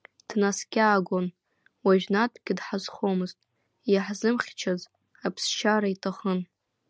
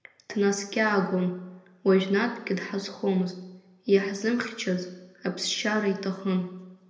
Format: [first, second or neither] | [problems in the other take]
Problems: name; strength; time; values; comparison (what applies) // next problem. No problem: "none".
first | room echo; dies away in 0.9 s